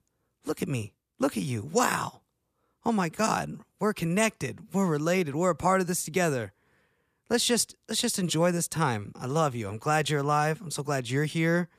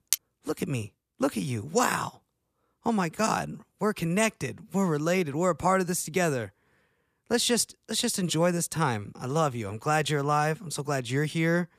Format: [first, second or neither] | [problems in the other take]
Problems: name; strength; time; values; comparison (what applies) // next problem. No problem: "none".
first | clattering dishes; very faint; at the start; peak 1 dB below the speech